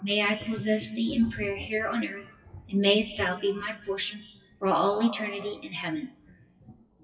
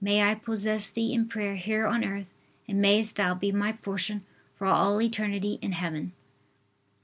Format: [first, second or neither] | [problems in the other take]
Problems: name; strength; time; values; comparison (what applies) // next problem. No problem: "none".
second | noise reduction (classical method WPE with log-MMSE)